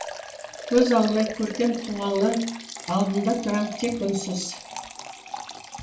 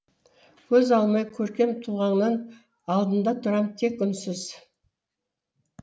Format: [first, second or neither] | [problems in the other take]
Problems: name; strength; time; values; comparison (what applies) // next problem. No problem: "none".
second | background sound (Liquid); 12 dB below the speech // room echo; dies away in 0.3 s